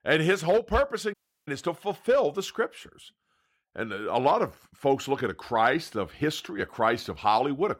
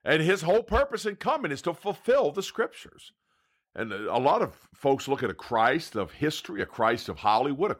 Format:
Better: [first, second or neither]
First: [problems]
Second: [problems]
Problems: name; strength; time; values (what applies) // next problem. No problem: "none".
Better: second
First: audio cutting out; at 1 s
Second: none